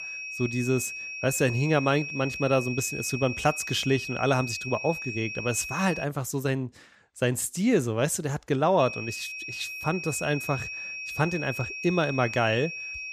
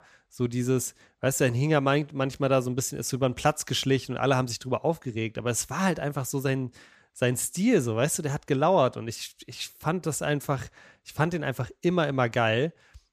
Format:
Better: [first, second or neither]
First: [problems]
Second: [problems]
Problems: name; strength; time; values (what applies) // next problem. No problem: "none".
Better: second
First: high-pitched whine; loud; until 6 s and from 9 s on; 2.5 kHz, 7 dB below the speech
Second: none